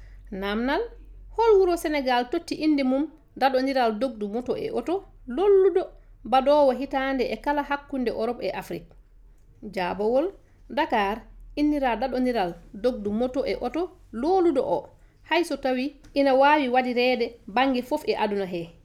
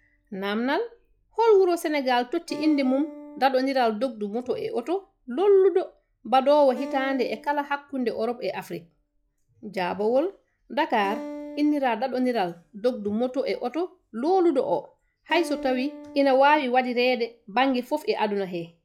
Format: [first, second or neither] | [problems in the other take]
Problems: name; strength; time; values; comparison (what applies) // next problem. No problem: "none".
first | noise reduction (classical method log-MMSE)